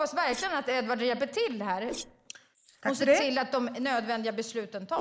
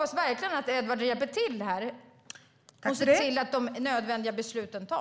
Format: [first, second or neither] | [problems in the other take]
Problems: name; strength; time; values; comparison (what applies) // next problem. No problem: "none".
second | noise reduction (neural mask model Resemble Enhance denoiser)